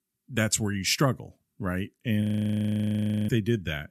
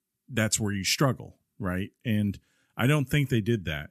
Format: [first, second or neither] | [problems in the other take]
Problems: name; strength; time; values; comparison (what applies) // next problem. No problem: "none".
second | audio freezing; at 2 s for 1 s